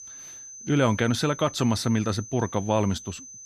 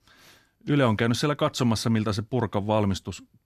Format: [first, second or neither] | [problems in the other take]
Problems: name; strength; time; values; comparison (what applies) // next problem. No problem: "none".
second | high-pitched whine; noticeable; throughout; 6 kHz, 15 dB below the speech